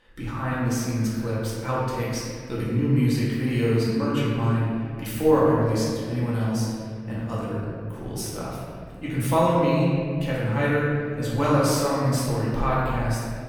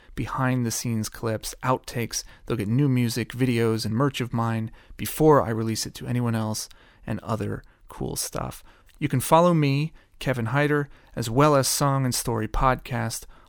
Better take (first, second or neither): second